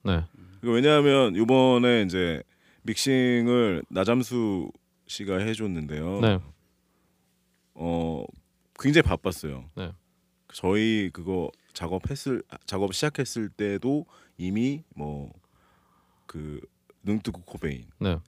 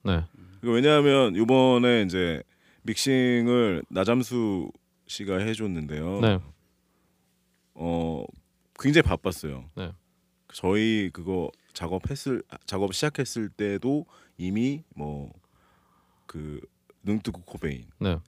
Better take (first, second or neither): neither